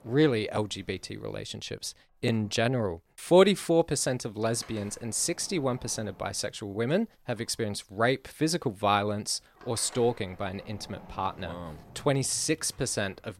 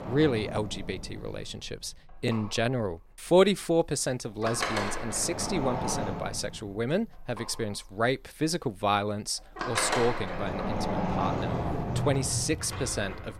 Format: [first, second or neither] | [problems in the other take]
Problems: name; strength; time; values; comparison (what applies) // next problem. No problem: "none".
first | household noises; loud; throughout; 4 dB below the speech; faint in the first